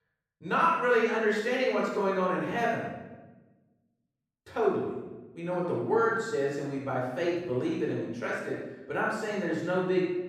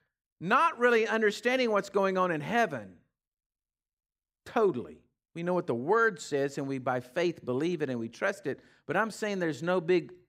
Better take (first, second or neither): second